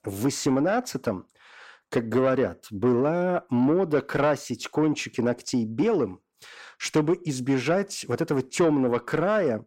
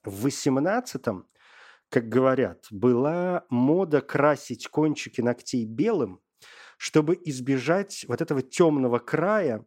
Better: second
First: distortion; slight; 10 dB below the speech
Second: none

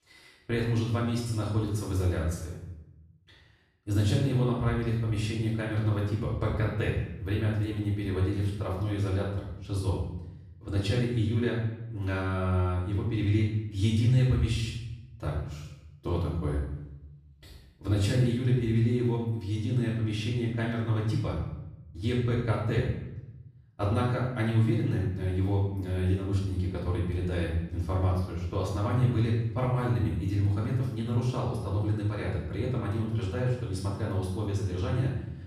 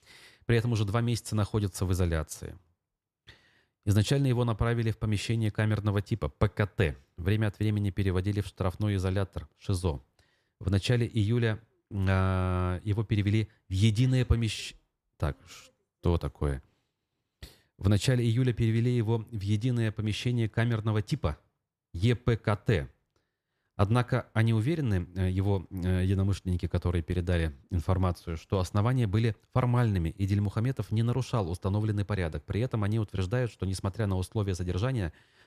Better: second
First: off-mic speech; far // room echo; noticeable; dies away in 0.8 s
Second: none

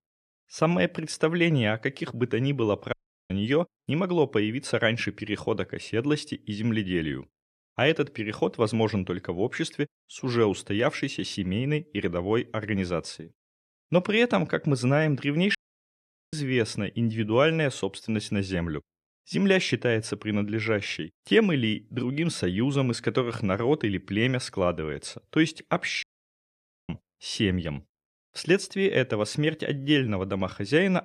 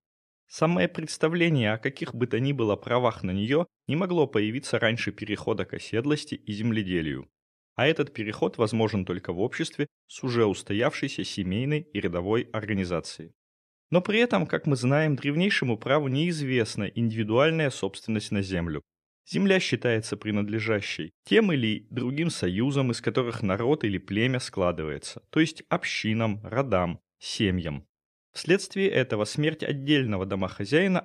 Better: second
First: audio cutting out; at 3 s, at 16 s for 1 s and at 26 s for 1 s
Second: none

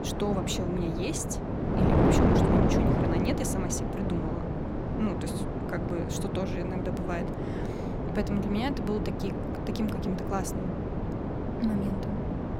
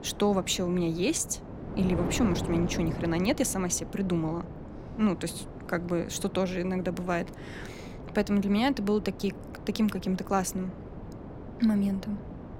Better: second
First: wind noise on the microphone; heavy; 3 dB above the speech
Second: wind noise on the microphone; occasional gusts; 10 dB below the speech

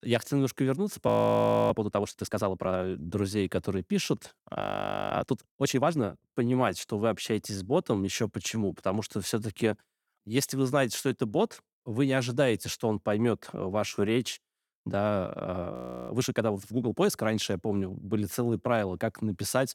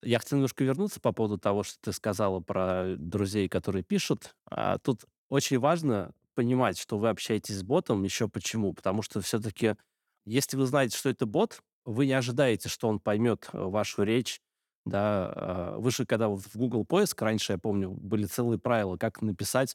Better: second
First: audio freezing; at 1 s for 0.5 s, at 4.5 s for 0.5 s and at 16 s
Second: none

